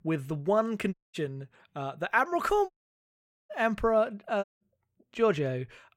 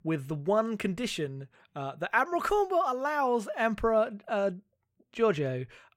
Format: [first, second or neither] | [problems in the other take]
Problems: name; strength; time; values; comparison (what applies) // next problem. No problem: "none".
second | audio cutting out; at 1 s, at 2.5 s for 1 s and at 4.5 s